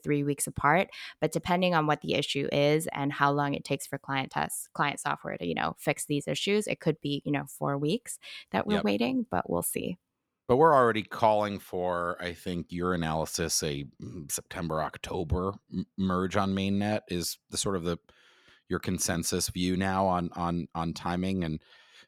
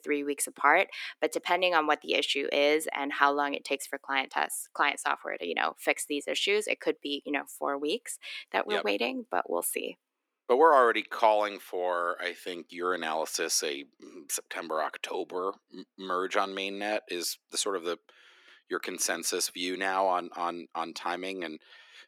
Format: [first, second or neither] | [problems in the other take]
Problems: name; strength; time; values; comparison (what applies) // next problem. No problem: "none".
first | thin; somewhat; fading below 300 Hz